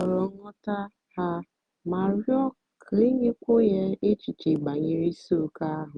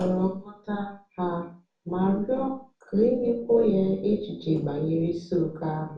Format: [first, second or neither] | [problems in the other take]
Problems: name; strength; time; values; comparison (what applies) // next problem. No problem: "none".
first | room echo; dies away in 0.4 s